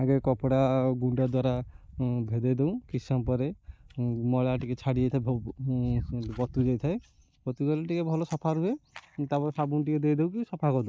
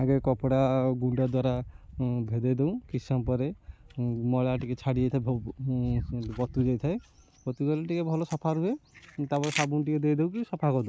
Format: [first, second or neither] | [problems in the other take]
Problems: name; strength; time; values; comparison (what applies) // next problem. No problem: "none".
second | noise reduction (neural mask model DeepFilterNet 3)